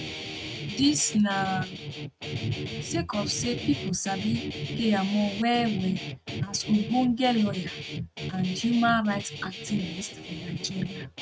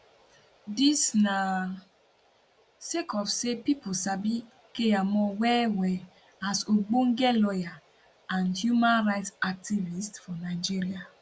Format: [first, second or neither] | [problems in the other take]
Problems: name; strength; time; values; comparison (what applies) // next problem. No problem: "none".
second | noise reduction (neural mask model RNNoise)